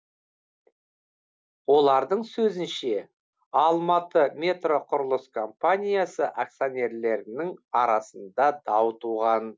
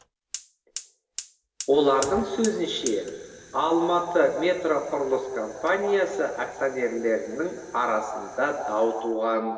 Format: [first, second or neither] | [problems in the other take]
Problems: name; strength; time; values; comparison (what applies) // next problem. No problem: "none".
first | background sound (Fire); 17 dB below the speech // room echo; dies away in 2.1 s